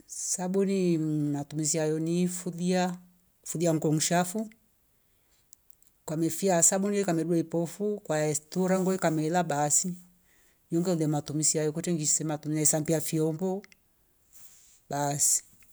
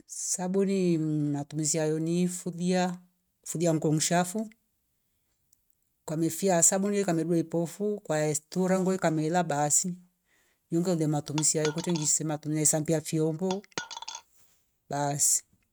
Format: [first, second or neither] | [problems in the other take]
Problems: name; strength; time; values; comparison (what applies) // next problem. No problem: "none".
first | noise reduction (neural mask model RNNoise)